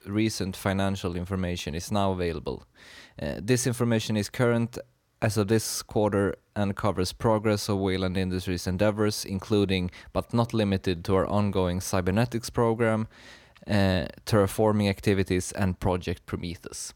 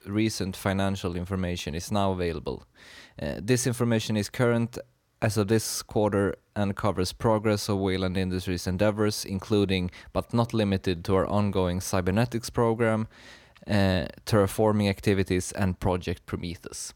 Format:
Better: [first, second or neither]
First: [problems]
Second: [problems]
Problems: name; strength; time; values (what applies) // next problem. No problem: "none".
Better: neither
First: none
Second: none